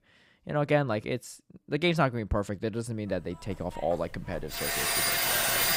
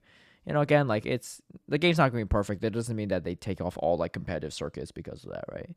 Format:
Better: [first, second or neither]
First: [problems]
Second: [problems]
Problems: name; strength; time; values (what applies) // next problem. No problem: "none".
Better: second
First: household noises; very loud; from 3 s on; 5 dB above the speech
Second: none